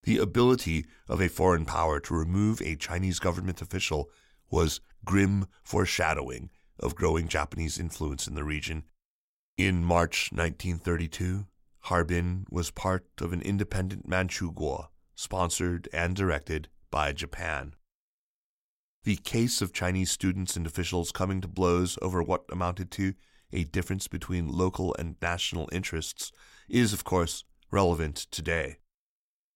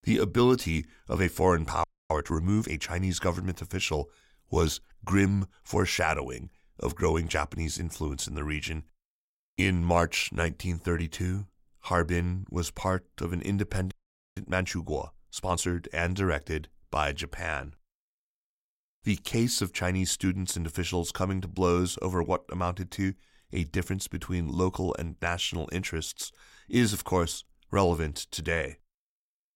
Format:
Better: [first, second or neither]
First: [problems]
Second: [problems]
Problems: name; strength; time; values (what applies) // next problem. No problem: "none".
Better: first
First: none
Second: audio freezing; at 2 s and at 14 s